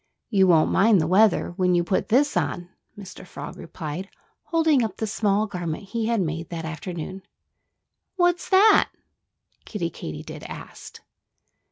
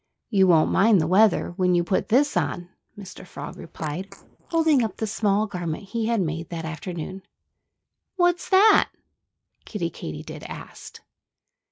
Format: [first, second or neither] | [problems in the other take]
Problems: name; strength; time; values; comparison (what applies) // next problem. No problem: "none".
first | noise reduction (neural mask model Resemble Enhance denoiser)